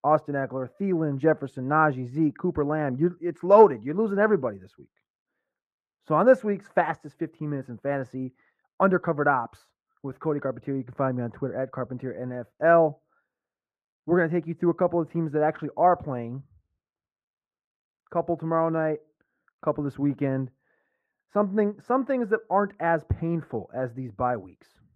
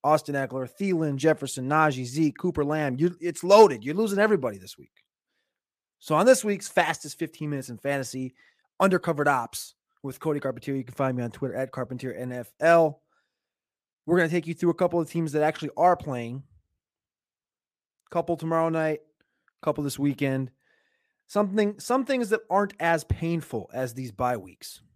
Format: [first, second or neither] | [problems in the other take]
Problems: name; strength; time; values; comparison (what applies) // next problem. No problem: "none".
second | muffled; very; fading above 2.5 kHz